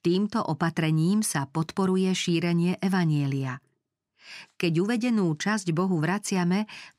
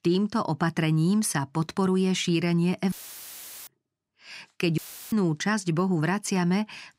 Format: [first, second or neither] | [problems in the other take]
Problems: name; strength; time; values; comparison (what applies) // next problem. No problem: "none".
first | audio cutting out; filled with static; at 3 s for 1 s and at 5 s